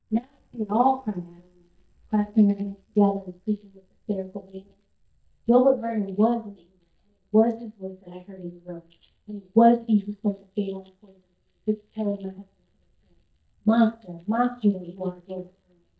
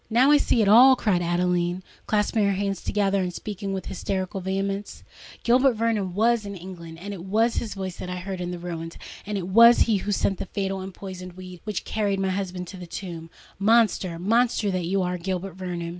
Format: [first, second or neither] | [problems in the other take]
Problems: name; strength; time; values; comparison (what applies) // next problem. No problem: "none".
second | noise reduction (neural mask model DeepFilterNet 3)